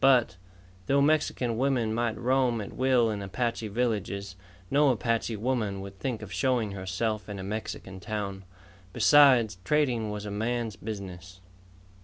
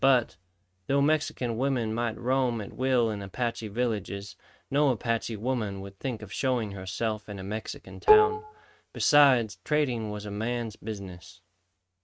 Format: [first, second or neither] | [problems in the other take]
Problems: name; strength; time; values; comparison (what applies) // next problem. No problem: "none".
first | noise reduction (neural mask model RNNoise)